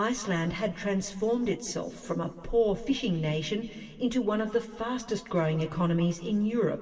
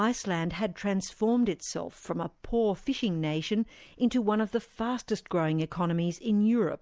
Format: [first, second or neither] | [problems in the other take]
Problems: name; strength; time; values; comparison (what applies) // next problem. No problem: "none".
second | room echo; dies away in 1.9 s